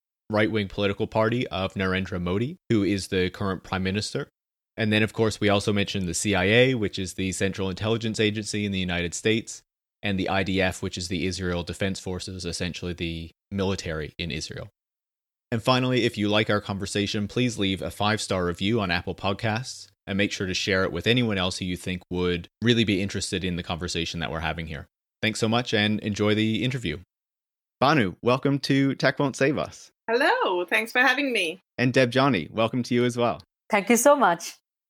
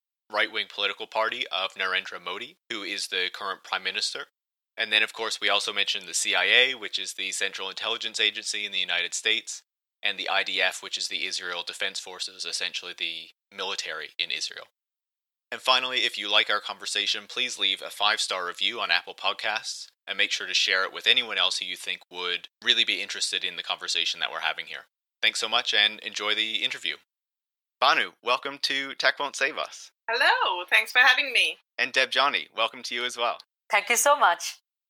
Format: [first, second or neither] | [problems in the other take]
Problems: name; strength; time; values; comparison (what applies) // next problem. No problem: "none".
first | thin; very; fading below 950 Hz